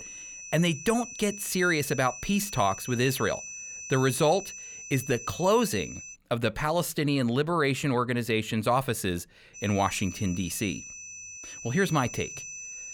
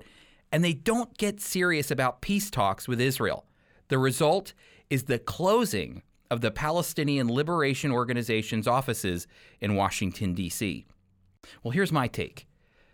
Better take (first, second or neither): second